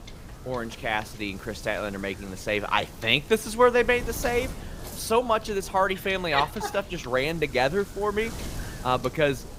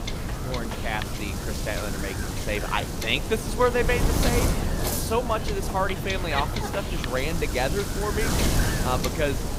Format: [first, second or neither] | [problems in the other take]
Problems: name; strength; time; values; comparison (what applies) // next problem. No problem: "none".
first | wind noise on the microphone; heavy; 4 dB below the speech; occasional gusts in the first